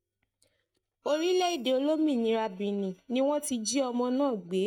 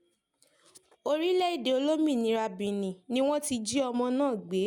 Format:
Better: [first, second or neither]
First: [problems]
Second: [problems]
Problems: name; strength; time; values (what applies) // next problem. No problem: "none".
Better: second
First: noise reduction (neural mask model DeepFilterNet 3)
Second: none